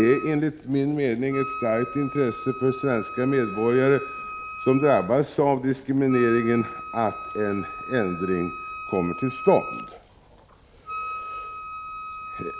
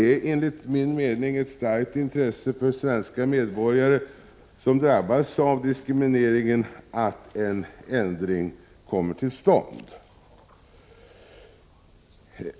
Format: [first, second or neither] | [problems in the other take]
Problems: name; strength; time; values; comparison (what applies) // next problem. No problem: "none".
second | background sound (Wind instrument, woodwind instrument); 11 dB below the speech